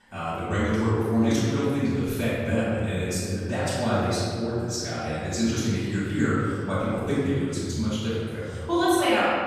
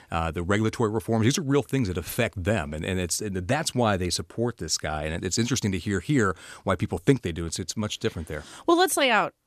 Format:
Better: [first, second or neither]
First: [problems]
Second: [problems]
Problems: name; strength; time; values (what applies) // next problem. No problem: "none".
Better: second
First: off-mic speech; far // room echo; strong; dies away in 2 s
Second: none